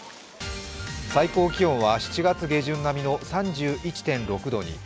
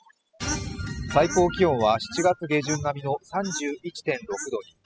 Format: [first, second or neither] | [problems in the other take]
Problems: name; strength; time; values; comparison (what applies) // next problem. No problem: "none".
first | noise reduction (classical method spectral subtraction)